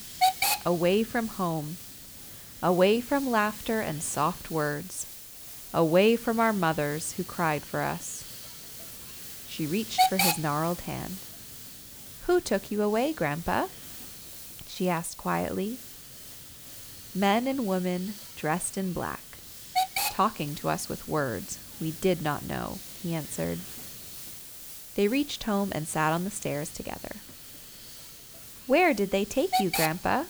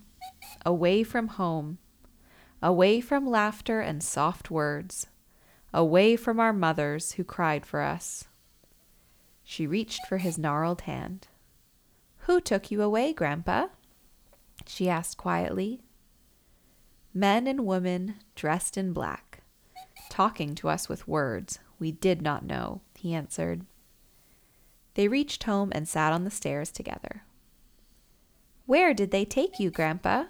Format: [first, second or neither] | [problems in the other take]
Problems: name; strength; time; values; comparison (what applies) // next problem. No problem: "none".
second | hiss; loud; throughout; 7 dB below the speech; faint in the second